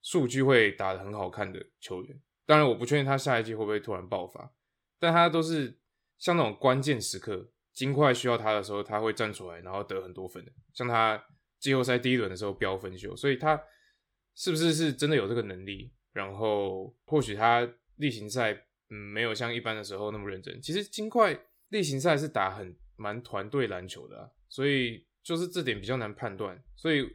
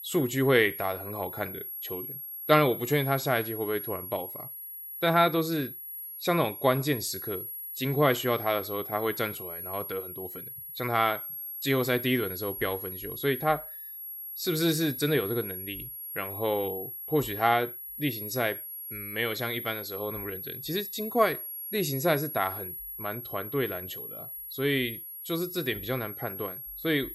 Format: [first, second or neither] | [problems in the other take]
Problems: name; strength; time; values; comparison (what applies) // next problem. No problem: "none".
first | high-pitched whine; loud; throughout; 11.5 kHz, 7 dB below the speech